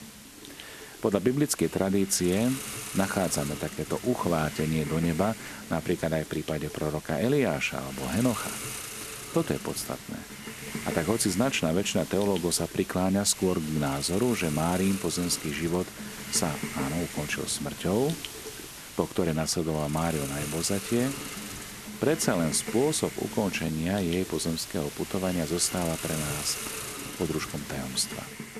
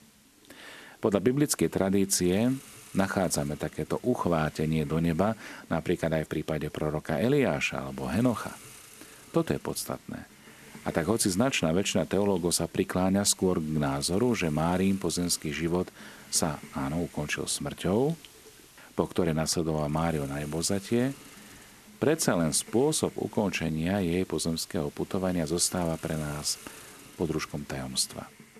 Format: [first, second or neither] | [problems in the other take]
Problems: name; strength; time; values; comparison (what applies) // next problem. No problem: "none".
second | hiss; loud; throughout; 9 dB below the speech; faint in the second